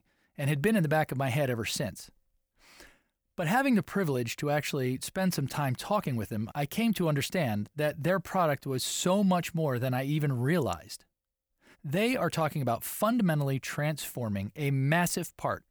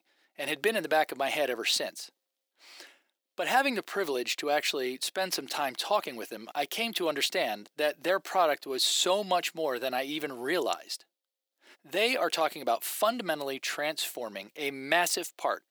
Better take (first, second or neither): first